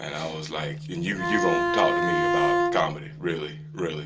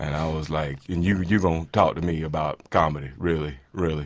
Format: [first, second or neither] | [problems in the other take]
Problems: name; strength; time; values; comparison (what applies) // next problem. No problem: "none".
second | background sound (Bowed string instrument); 5 dB above the speech // room echo; dies away in 0.2 s